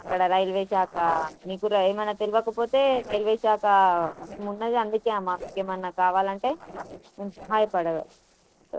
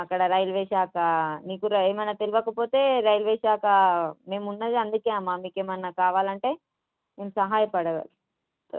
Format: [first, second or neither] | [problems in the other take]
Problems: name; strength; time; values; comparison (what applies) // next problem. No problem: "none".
second | noise reduction (neural separator model SepFormer DNS4)